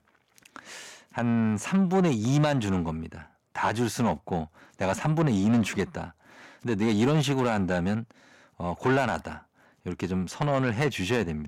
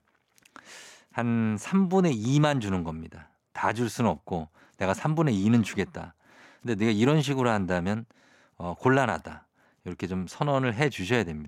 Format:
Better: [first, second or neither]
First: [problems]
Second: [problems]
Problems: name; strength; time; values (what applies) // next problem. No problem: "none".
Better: second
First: distortion; slight; 10 dB below the speech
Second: none